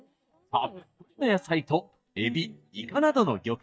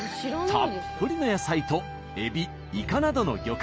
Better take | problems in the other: second | noise reduction (neural mask model DeepFilterNet 3)

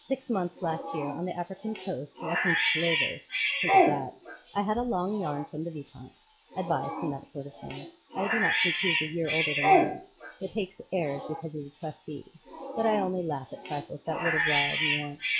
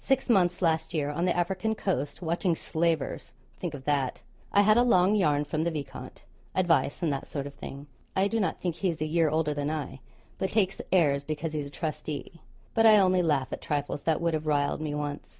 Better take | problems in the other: second | noise reduction (classical method log-MMSE)

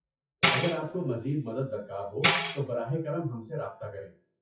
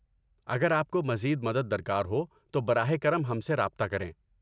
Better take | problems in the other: second | noise reduction (classical method WPE with log-MMSE)

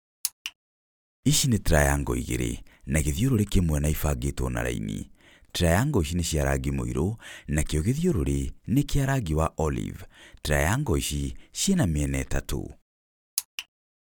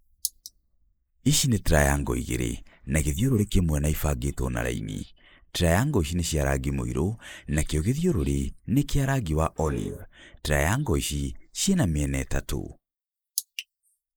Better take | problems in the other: first | noise reduction (neural mask model Resemble Enhance denoiser)

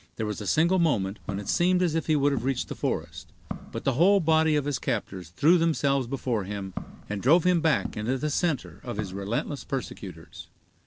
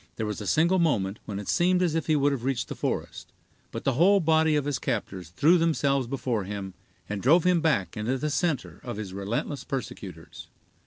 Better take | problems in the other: second | background sound (Walk, footsteps); 16 dB below the speech

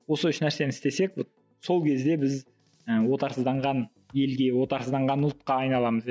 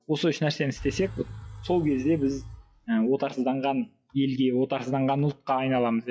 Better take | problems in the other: first | noise reduction (classical method WPE with log-MMSE)

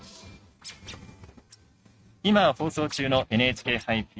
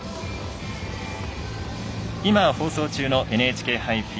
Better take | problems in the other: second | noise reduction (neural mask model RNNoise)

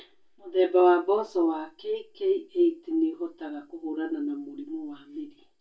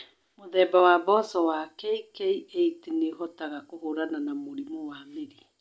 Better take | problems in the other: second | room echo; dies away in 0.1 s

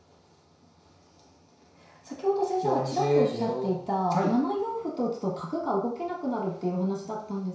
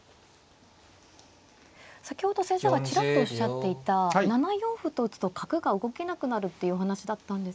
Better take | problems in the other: second | room echo; dies away in 0.6 s

